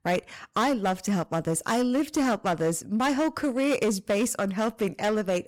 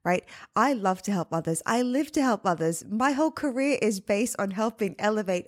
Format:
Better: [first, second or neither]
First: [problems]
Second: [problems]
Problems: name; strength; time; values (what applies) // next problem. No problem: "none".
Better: second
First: distortion; slight; 11% of the sound clipped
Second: none